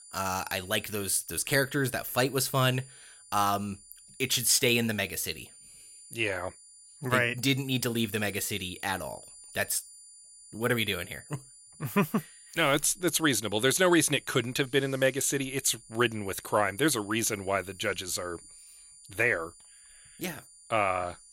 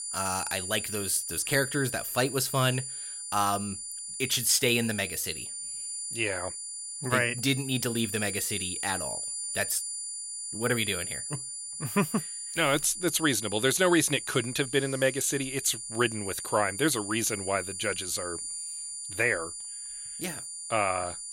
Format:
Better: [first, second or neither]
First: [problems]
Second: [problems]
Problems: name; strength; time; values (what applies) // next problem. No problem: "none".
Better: first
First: high-pitched whine; faint; throughout; 9.5 kHz, 20 dB below the speech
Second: high-pitched whine; loud; throughout; 9.5 kHz, 6 dB below the speech